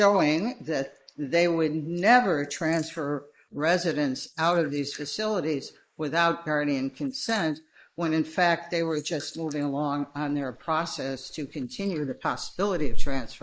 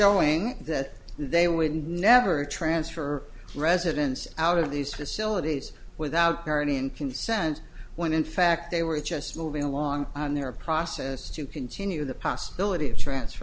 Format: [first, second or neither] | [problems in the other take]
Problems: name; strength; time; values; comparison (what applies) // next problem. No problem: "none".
second | noise reduction (neural mask model Resemble Enhance denoiser)